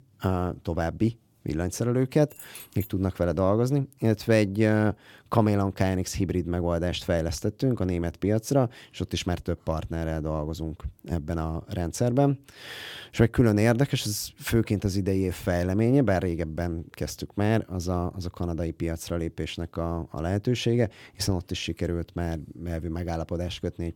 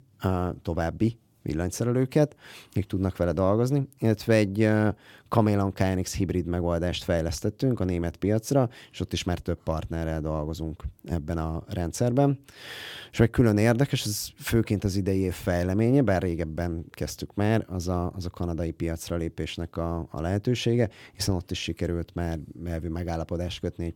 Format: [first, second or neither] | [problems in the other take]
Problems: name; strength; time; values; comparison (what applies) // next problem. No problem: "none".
second | jangling keys; faint; at 2.5 s; peak 15 dB below the speech